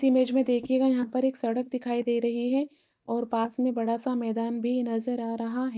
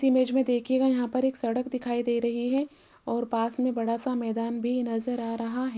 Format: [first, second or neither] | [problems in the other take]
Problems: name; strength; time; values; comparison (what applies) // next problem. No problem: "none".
second | noise reduction (neural mask model DeepFilterNet 3)